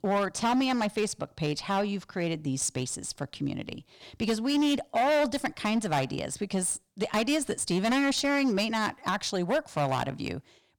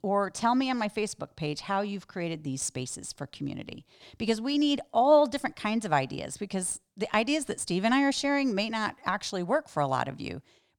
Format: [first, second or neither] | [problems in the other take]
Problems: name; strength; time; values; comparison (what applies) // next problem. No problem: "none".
second | distortion; heavy; 11% of the sound clipped